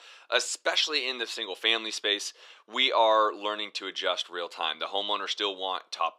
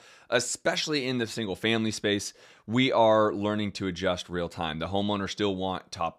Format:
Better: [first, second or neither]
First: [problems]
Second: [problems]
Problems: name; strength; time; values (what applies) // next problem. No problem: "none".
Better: second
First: thin; very; fading below 350 Hz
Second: none